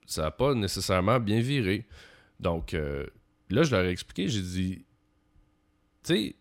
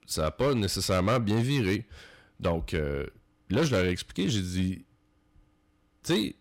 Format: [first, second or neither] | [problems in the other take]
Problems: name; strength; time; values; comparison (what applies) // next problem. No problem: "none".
first | distortion; slight; 6% of the sound clipped